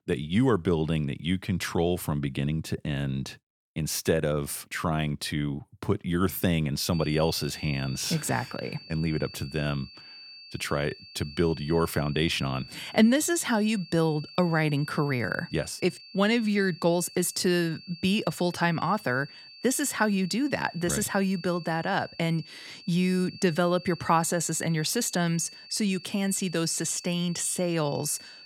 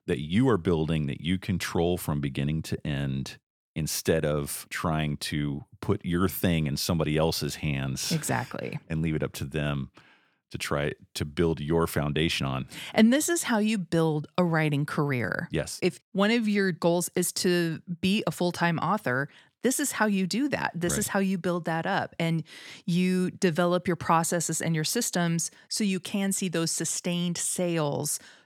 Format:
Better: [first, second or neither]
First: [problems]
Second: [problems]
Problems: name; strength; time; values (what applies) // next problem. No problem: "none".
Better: second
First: high-pitched whine; noticeable; from 7 s on; 4.5 kHz, 15 dB below the speech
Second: none